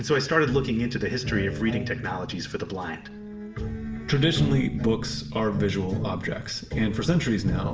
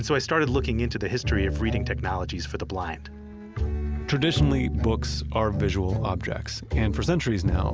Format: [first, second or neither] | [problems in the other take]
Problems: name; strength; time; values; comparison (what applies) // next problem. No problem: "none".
second | room echo; dies away in 0.5 s